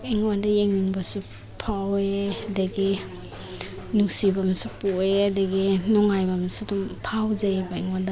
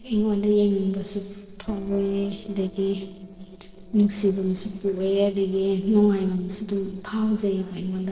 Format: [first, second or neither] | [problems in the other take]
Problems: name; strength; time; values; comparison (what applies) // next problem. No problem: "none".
first | noise reduction (neural separator model SepFormer DNS4)